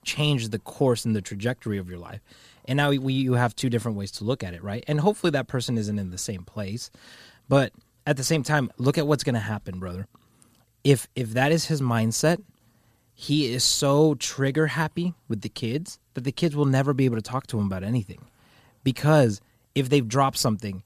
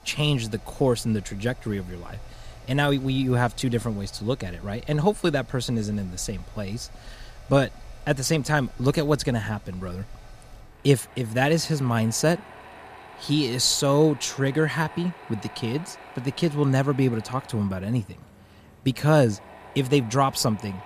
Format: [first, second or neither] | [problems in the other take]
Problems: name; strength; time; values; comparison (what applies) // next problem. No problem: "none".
first | machinery noise; faint; throughout; 20 dB below the speech